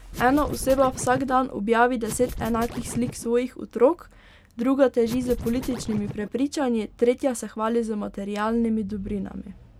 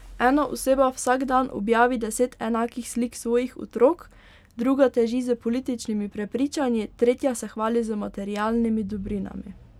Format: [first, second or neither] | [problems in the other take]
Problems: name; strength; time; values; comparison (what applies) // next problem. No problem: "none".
second | background sound (Scratching (performance technique)); 10 dB below the speech